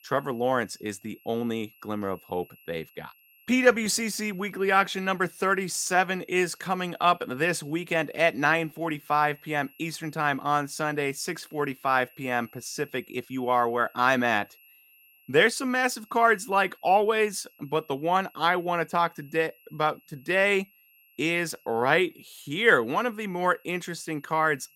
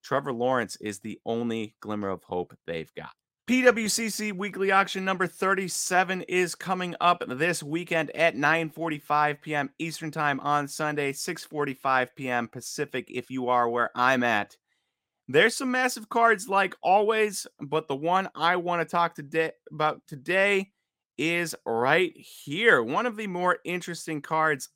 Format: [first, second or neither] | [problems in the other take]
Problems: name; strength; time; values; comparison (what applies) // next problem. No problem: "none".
second | high-pitched whine; faint; throughout; 2.5 kHz, 30 dB below the speech